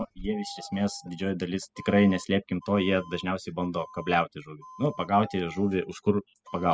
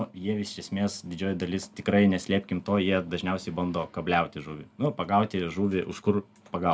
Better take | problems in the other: second | noise reduction (classical method spectral subtraction)

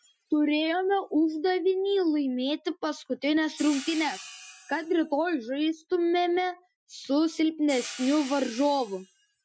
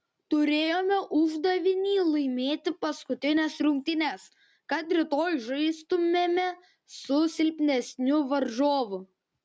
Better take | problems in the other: second | noise reduction (classical method Wiener filter)

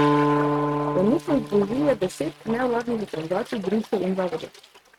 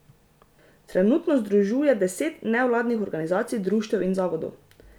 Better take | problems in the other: second | noise reduction (neural mask model RNNoise)

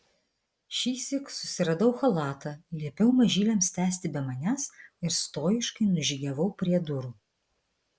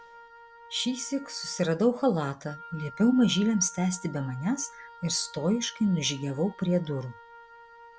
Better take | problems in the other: first | background sound (Wind instrument, woodwind instrument); 19 dB below the speech

